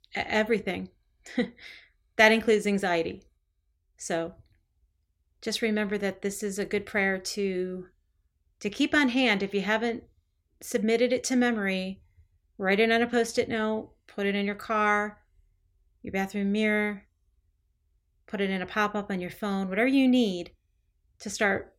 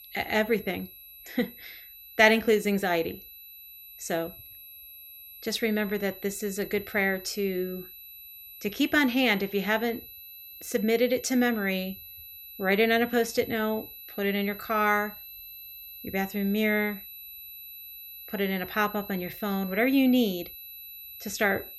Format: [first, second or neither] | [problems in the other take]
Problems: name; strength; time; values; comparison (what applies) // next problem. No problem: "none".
first | high-pitched whine; noticeable; throughout; 12 kHz, 15 dB below the speech